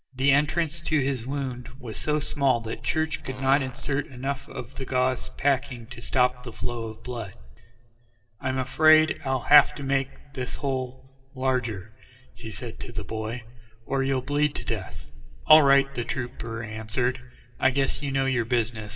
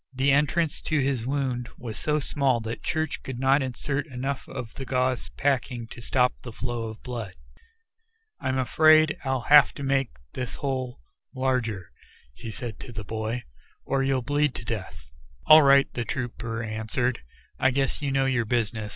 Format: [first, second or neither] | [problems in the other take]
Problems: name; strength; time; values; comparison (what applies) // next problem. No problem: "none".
second | background sound (Fart); 19 dB below the speech // room echo; dies away in 0.9 s